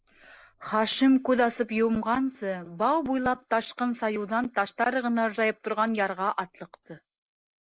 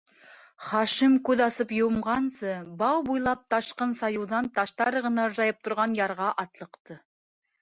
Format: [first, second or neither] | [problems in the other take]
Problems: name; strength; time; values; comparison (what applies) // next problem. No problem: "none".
second | noise reduction (neural mask model Resemble Enhance denoiser)